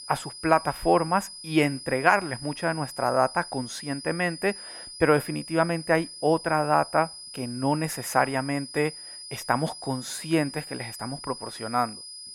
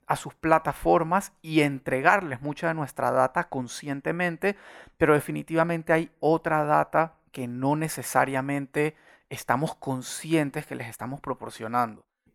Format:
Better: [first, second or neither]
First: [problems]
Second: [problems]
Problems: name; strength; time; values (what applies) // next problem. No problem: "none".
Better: second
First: high-pitched whine; noticeable; throughout; 5 kHz, 10 dB below the speech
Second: none